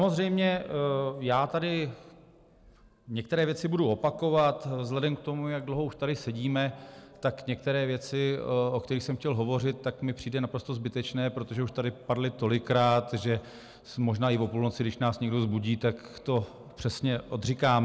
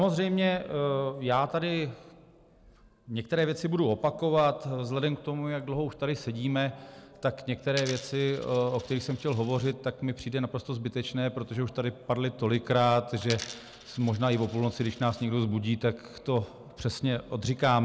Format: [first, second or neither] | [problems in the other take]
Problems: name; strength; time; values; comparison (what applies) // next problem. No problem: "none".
first | background sound (Coin (dropping)); 16 dB below the speech